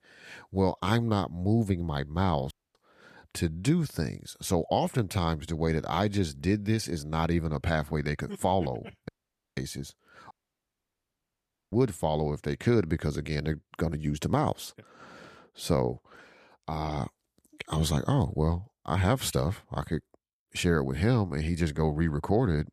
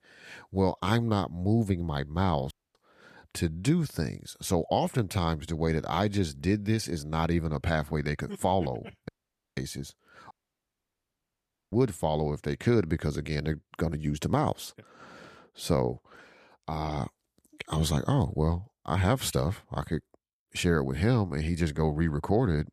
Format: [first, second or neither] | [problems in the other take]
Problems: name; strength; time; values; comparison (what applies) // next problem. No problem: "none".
neither | audio cutting out; at 2.5 s, at 9 s and at 10 s for 1.5 s; the same in both